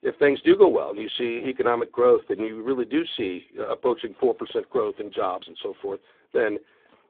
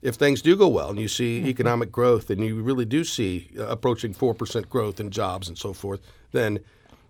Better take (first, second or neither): second